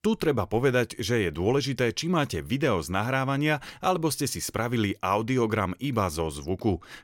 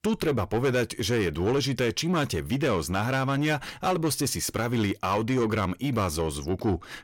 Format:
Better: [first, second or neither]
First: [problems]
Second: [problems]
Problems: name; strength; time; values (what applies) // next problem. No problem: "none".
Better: first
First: none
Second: distortion; slight; 10 dB below the speech